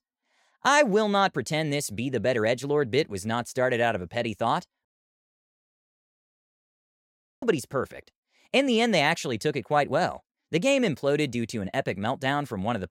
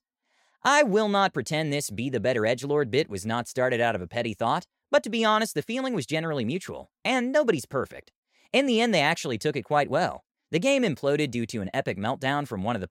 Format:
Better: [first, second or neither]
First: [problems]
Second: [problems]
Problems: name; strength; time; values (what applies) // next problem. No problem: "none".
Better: second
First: audio cutting out; at 5 s for 2.5 s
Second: none